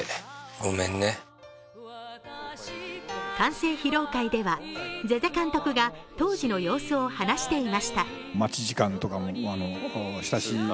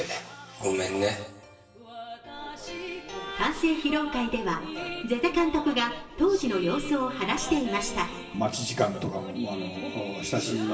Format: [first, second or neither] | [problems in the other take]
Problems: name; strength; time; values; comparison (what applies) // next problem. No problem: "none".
first | room echo; dies away in 1 s